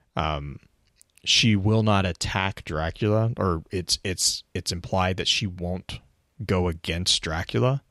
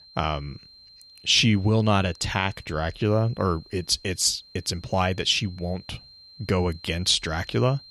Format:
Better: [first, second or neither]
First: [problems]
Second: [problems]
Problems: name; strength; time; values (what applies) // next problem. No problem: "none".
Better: first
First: none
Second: high-pitched whine; faint; throughout; 4 kHz, 25 dB below the speech